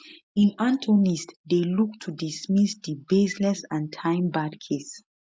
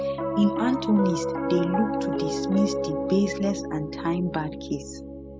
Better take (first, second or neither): first